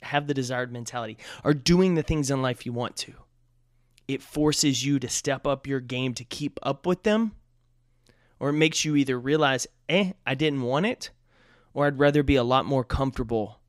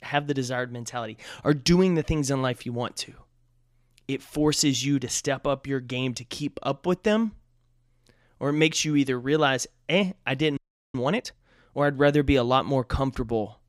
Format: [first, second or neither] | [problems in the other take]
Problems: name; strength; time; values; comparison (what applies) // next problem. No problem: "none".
first | audio freezing; at 11 s